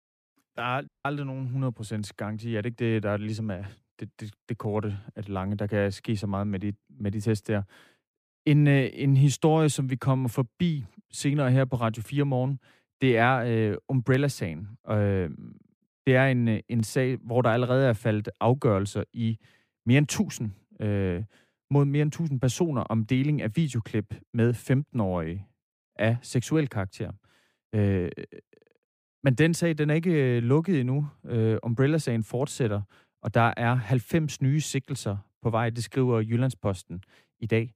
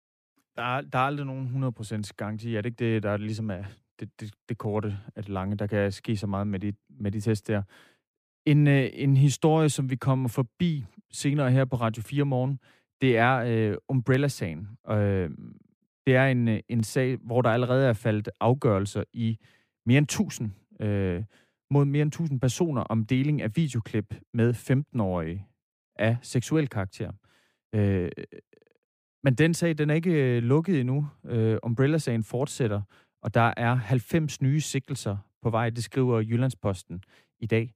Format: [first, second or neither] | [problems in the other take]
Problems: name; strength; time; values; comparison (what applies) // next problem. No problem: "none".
second | audio cutting out; at 1 s